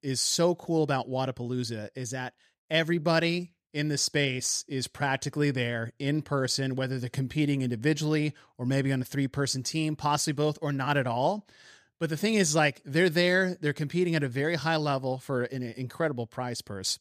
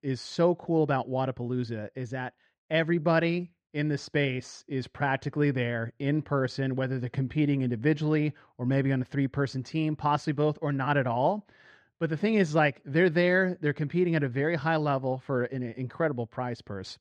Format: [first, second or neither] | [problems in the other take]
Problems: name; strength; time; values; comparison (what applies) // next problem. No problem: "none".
first | muffled; very; fading above 2 kHz